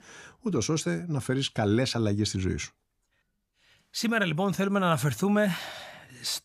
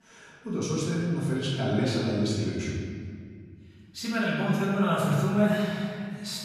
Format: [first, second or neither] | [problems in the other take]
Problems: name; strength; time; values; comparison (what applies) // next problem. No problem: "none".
first | off-mic speech; far // room echo; strong; dies away in 1.9 s